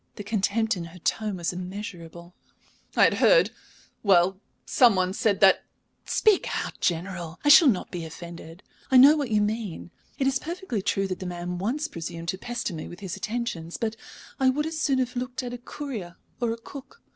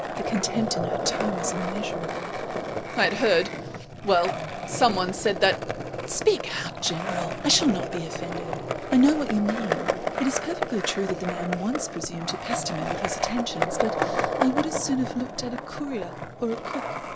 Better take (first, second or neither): first